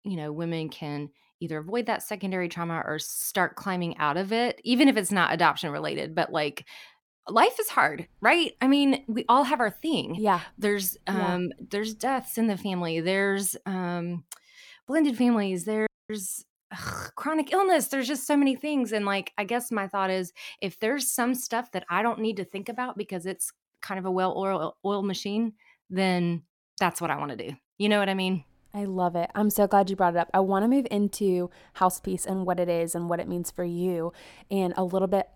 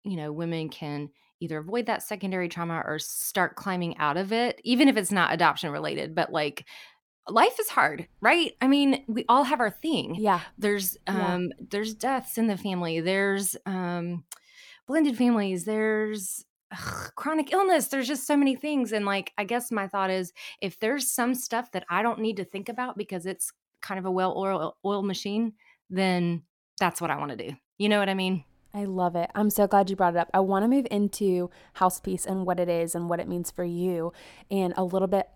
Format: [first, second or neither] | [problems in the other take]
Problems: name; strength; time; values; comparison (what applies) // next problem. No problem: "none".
second | audio cutting out; at 16 s